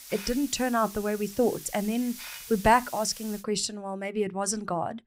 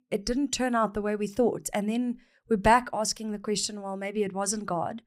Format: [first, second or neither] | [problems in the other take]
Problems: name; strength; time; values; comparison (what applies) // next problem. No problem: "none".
second | hiss; noticeable; until 3.5 s; 15 dB below the speech